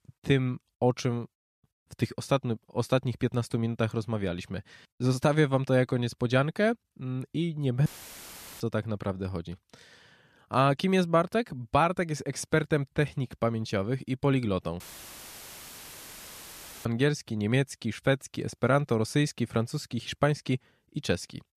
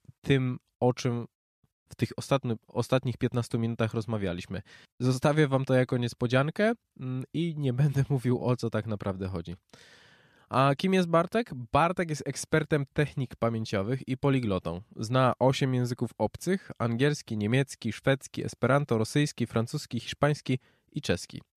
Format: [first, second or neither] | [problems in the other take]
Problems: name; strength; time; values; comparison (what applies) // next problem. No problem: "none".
second | audio cutting out; filled with static; at 8 s for 0.5 s and at 15 s for 2 s